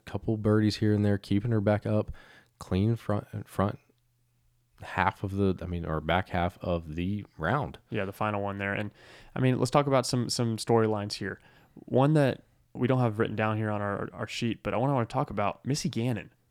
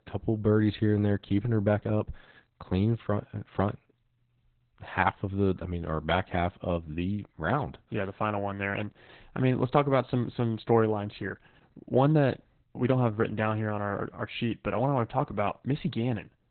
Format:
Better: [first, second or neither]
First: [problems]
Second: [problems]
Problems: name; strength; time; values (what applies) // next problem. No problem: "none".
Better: first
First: none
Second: garbled, watery; badly; nothing above 4 kHz